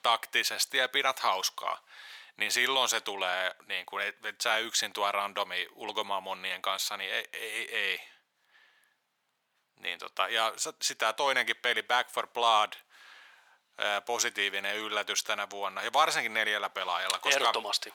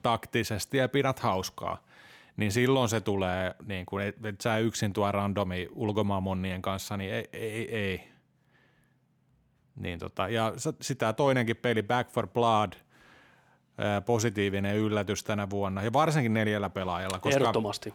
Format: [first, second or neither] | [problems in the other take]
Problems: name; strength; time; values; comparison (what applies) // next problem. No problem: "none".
second | thin; very; fading below 1 kHz